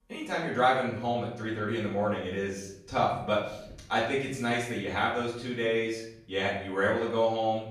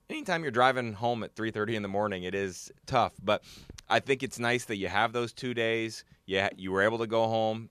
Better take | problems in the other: second | off-mic speech; far // room echo; noticeable; dies away in 0.7 s

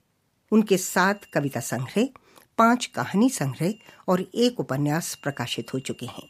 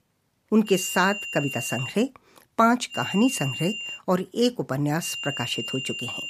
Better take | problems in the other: first | high-pitched whine; loud; from 0.5 to 2 s, from 3 to 4 s and from 5 s on; 3 kHz, 6 dB below the speech; faint in the first

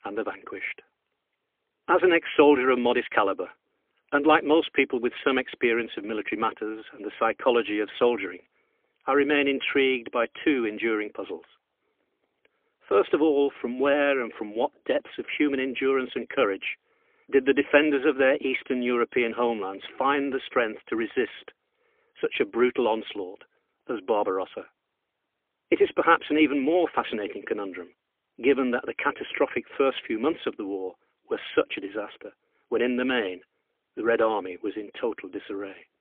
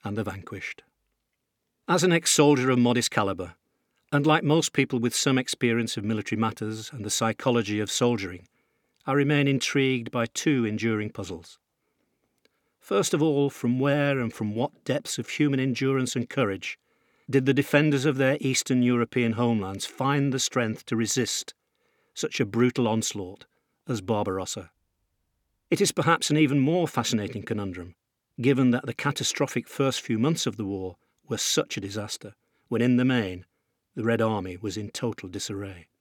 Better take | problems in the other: second | phone-call audio; poor line; nothing above 3.5 kHz

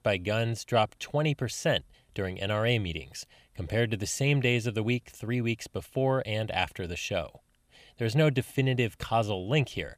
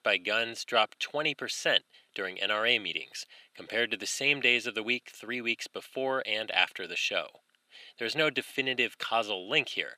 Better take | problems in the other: first | thin; somewhat; fading below 250 Hz

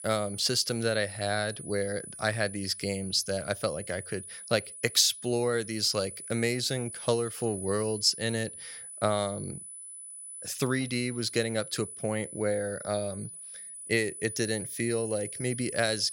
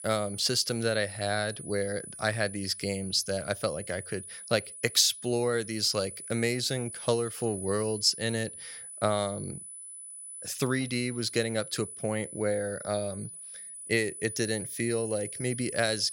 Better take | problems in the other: neither | high-pitched whine; noticeable; throughout; 10 kHz, 10 dB below the speech; the same in both

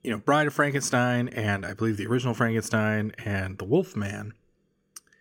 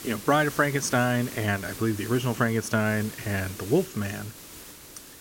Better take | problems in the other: first | hiss; noticeable; throughout; 15 dB below the speech

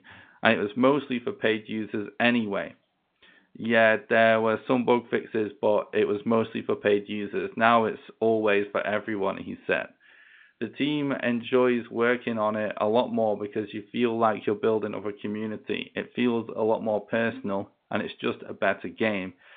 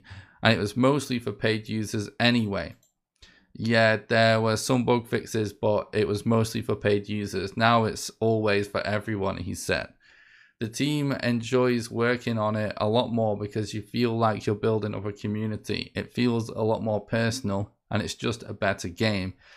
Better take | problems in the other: second | phone-call audio; nothing above 3.5 kHz

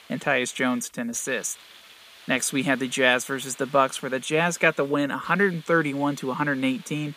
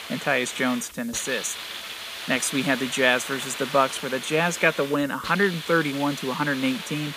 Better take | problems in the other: first | hiss; loud; throughout; 9 dB below the speech; faint in the first

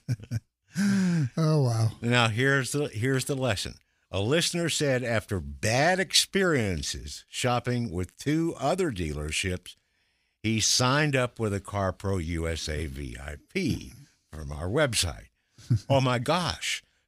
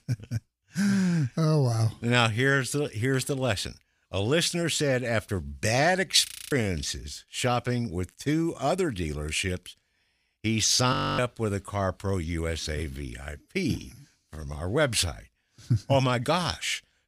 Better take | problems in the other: first | audio freezing; at 6.5 s and at 11 s

